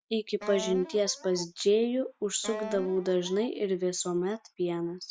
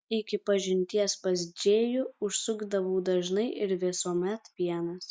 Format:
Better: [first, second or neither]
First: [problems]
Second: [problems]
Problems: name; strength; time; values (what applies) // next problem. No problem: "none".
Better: second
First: background sound (Wind instrument, woodwind instrument); 13 dB below the speech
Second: none